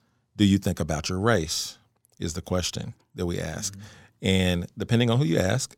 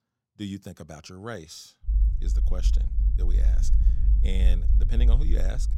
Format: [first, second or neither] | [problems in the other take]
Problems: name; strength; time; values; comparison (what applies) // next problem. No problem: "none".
first | low rumble; loud; from 2 s on; 6 dB below the speech